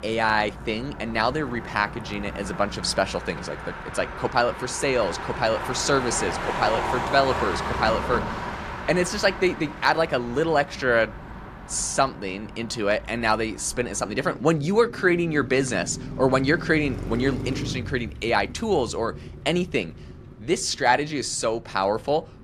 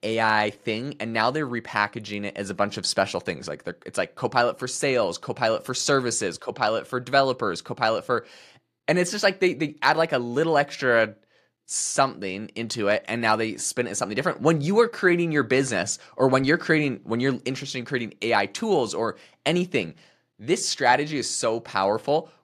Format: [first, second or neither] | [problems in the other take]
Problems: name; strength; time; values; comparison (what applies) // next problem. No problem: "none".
second | traffic noise; loud; throughout; 9 dB below the speech